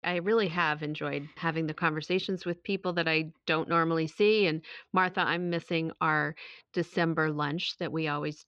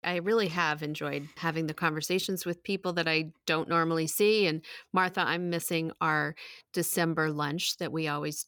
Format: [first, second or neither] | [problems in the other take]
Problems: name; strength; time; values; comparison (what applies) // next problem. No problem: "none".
second | muffled; very slightly; fading above 4 kHz